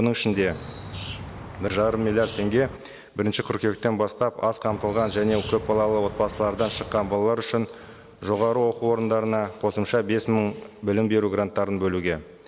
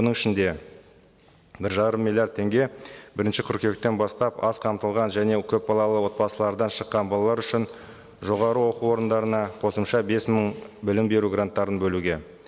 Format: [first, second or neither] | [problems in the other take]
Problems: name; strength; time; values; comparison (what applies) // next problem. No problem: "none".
second | background sound (Bird); 12 dB below the speech